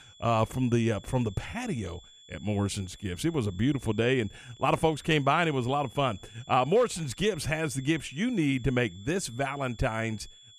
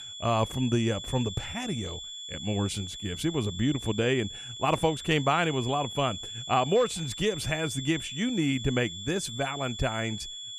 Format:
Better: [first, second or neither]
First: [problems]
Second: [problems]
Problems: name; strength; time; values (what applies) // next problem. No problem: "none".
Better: first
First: high-pitched whine; faint; throughout; 3.5 kHz, 25 dB below the speech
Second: high-pitched whine; loud; throughout; 3.5 kHz, 8 dB below the speech